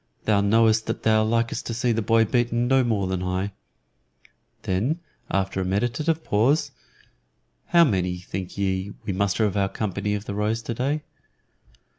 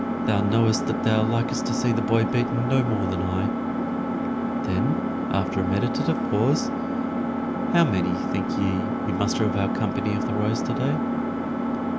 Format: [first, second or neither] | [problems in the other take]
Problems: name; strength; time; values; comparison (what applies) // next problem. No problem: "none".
first | background sound (Engine); 1 dB above the speech